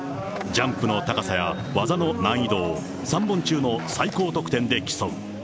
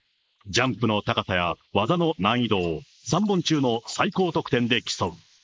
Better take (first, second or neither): first